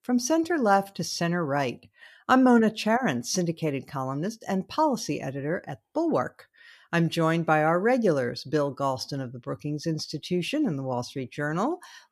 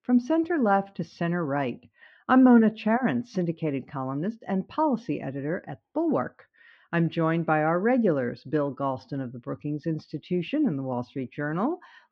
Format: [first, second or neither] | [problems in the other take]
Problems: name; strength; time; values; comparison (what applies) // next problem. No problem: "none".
first | muffled; very; fading above 2.5 kHz